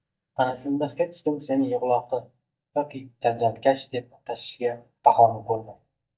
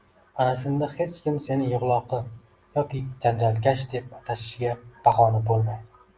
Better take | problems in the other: second | noise reduction (neural mask model DeepFilterNet 3)

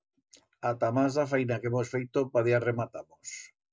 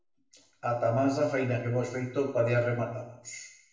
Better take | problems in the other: first | room echo; dies away in 0.8 s

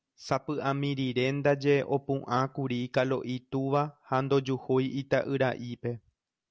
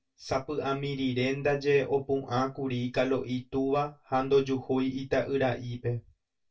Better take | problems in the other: first | room echo; dies away in 0.2 s

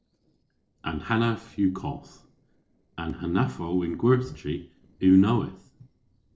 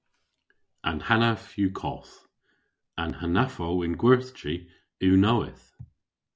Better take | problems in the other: second | noise reduction (neural separator model SepFormer DNS4)

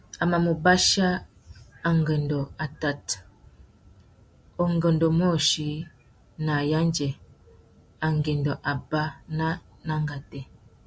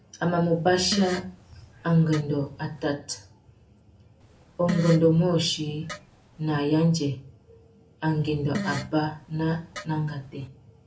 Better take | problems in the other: first | background sound (Fart); 12 dB below the speech // room echo; dies away in 0.3 s

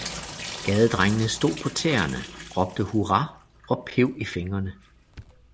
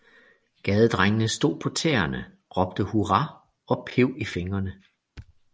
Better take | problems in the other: second | background sound (Drip / Sink (filling or washing)); 14 dB below the speech

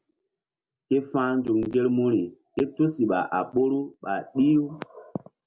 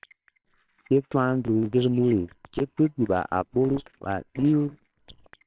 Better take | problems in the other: first | noise reduction (neural separator model SepFormer WHAMR!)

